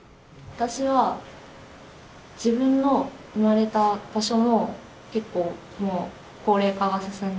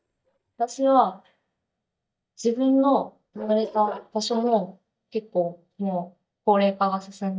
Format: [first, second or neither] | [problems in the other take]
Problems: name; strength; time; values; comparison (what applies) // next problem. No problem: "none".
first | noise reduction (neural mask model DeepFilterNet 3)